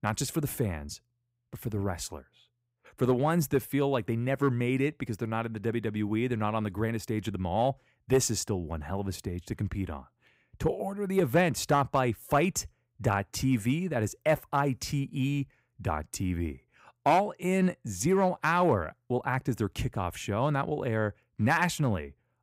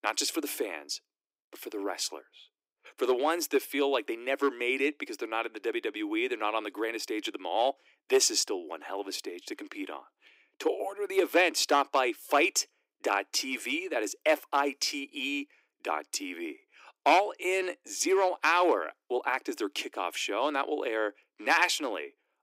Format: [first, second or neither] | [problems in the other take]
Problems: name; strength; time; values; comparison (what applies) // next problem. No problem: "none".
first | thin; somewhat; fading below 300 Hz